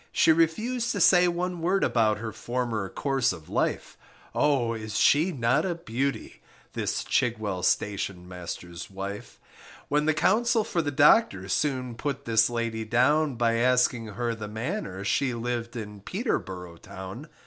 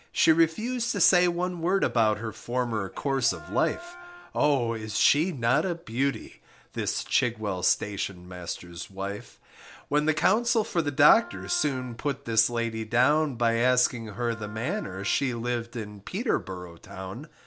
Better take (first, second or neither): first